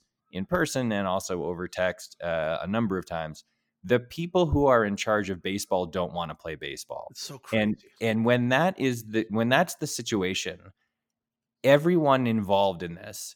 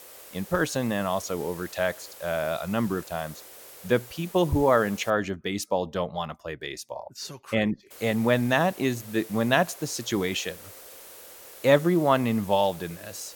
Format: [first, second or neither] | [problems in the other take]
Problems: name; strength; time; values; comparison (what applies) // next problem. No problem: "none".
first | hiss; noticeable; until 5 s and from 8 s on; 15 dB below the speech